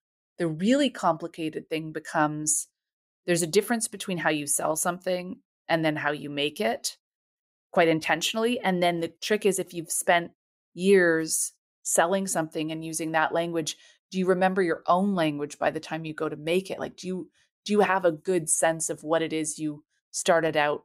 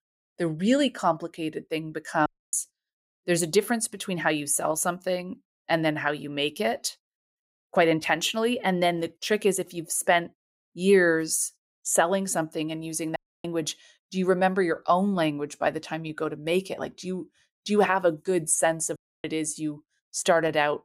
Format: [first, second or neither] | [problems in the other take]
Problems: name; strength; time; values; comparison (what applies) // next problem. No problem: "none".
first | audio cutting out; at 2.5 s, at 13 s and at 19 s